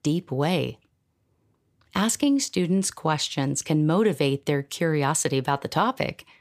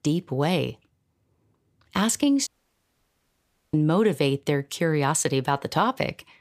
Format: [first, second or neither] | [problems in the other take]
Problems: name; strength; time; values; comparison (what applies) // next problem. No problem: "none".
first | audio cutting out; at 2.5 s for 1.5 s